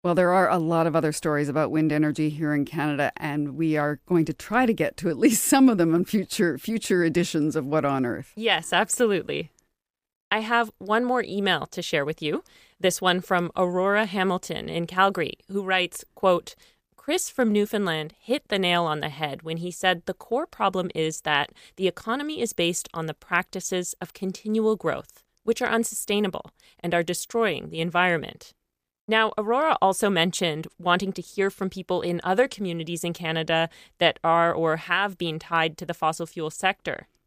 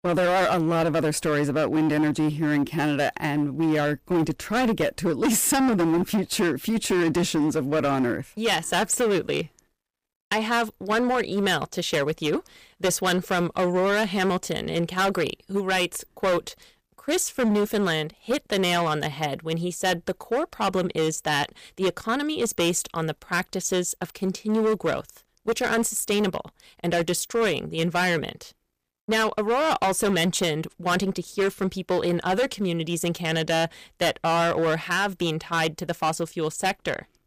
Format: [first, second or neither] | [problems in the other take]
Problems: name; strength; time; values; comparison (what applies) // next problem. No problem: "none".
first | distortion; heavy; 13% of the sound clipped